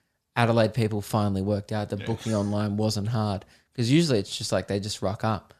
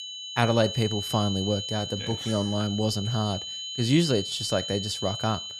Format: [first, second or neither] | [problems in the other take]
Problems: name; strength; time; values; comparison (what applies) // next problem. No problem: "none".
first | high-pitched whine; loud; throughout; 3 kHz, 5 dB below the speech